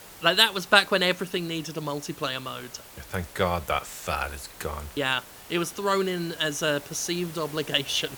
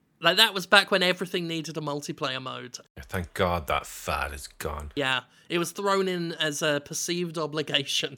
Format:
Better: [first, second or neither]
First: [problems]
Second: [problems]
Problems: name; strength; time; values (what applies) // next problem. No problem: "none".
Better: second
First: hiss; noticeable; throughout; 20 dB below the speech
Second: none